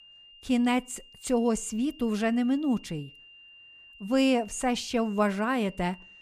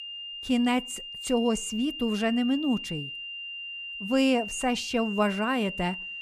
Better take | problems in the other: first | high-pitched whine; loud; throughout; 3 kHz, 8 dB below the speech; faint in the first

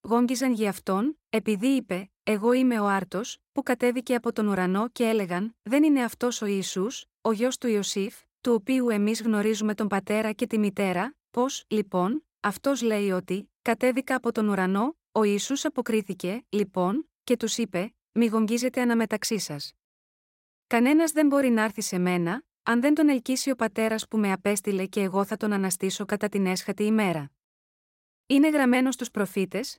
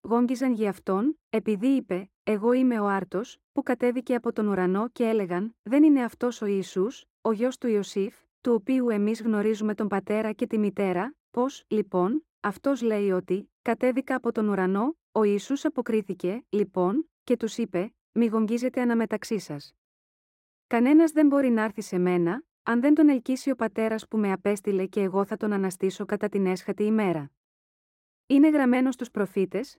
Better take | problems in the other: first | muffled; slightly; fading above 2.5 kHz

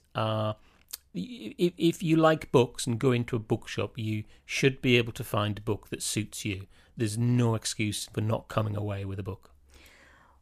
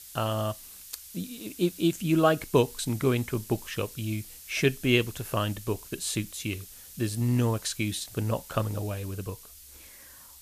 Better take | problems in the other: first | hiss; noticeable; throughout; 15 dB below the speech

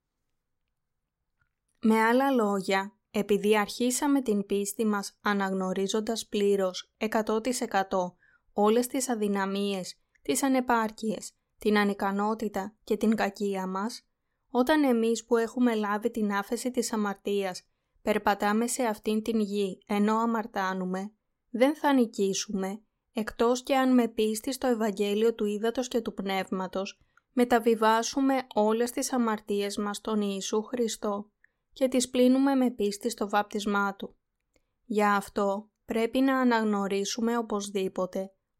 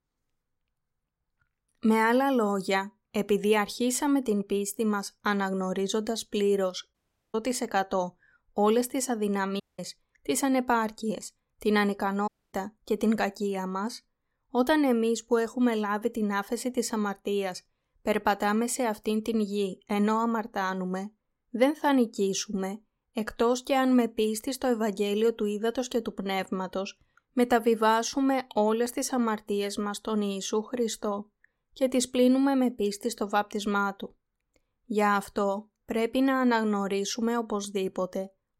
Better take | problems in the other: first | audio cutting out; at 7 s, at 9.5 s and at 12 s

